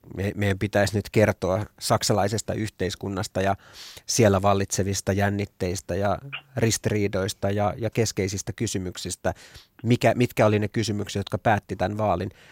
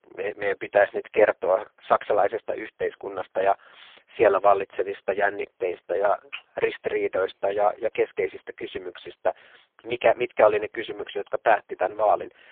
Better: first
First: none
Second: phone-call audio; poor line

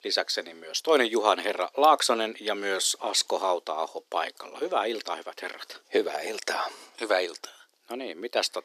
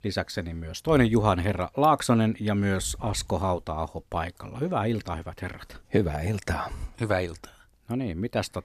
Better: second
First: thin; very; fading below 350 Hz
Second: none

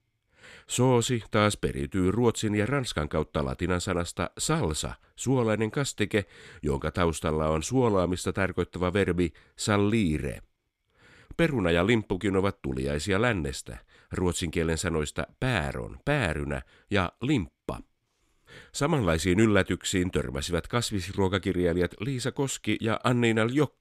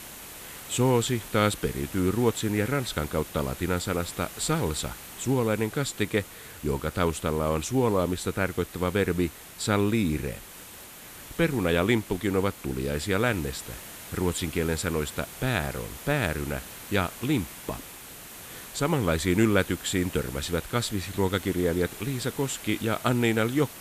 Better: first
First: none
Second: hiss; noticeable; throughout; 15 dB below the speech

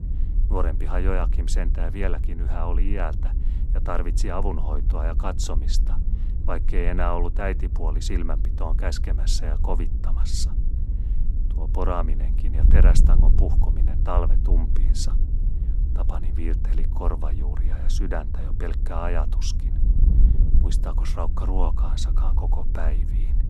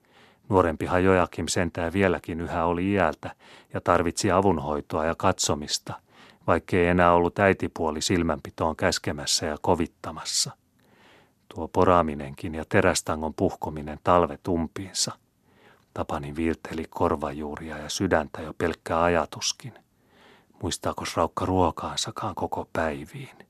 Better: second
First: wind noise on the microphone; occasional gusts; 10 dB below the speech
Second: none

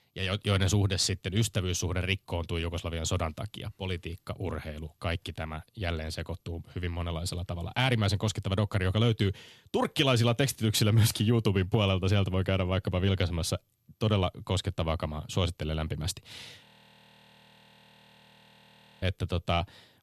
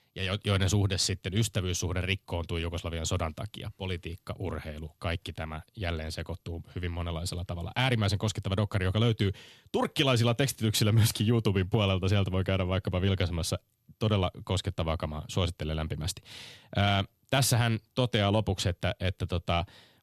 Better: second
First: audio freezing; at 17 s for 2.5 s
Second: none

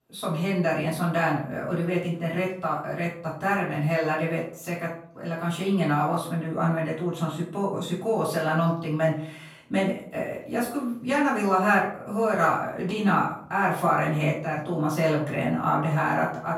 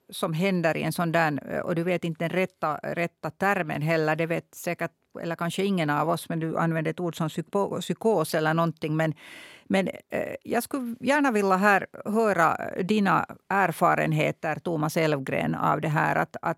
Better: second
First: off-mic speech; far // room echo; noticeable; dies away in 0.4 s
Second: none

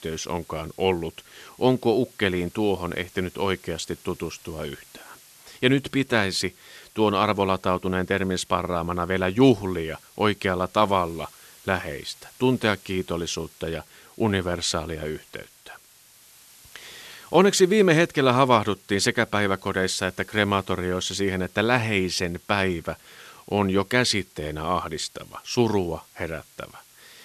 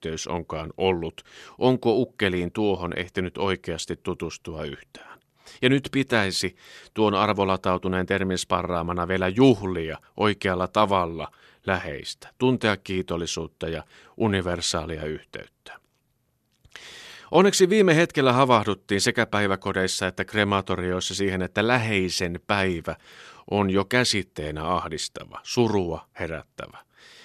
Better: second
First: hiss; faint; throughout; 25 dB below the speech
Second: none

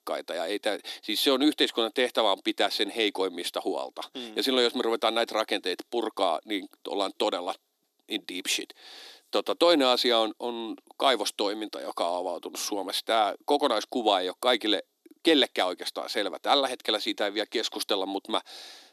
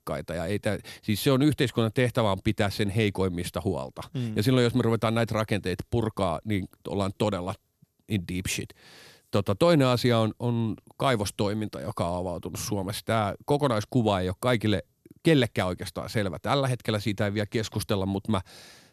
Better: second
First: thin; somewhat; fading below 300 Hz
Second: none

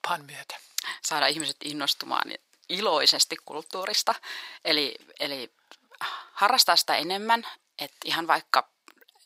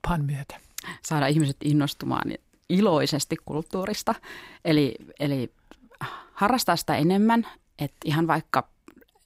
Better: second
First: thin; very; fading below 700 Hz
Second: none

